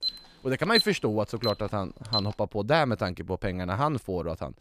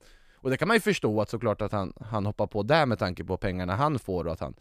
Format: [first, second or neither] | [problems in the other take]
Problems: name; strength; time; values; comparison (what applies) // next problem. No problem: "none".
second | alarm; loud; until 2 s; peak 2 dB above the speech